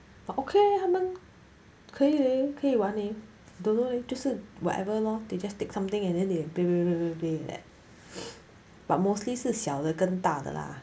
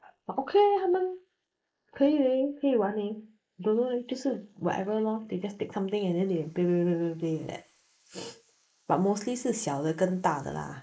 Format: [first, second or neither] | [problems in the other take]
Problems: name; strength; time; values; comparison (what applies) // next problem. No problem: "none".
first | noise reduction (neural mask model Resemble Enhance denoiser)